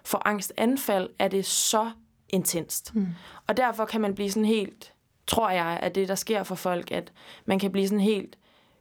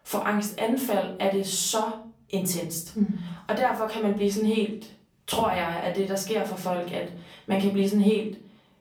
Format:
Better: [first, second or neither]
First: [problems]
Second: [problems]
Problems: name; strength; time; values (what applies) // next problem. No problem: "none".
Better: first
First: none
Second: off-mic speech; far // room echo; slight; dies away in 0.6 s